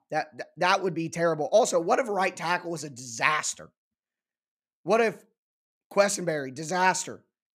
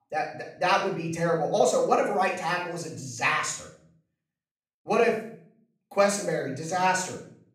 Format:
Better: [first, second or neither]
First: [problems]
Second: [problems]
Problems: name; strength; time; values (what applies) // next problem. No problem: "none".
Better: first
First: none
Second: off-mic speech; far // room echo; noticeable; dies away in 0.5 s